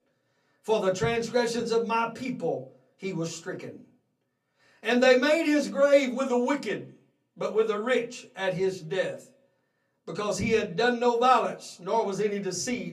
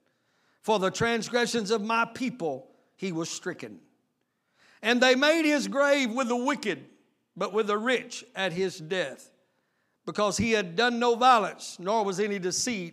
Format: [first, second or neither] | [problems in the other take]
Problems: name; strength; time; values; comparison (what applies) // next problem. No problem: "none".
second | off-mic speech; far // room echo; very slight; dies away in 0.3 s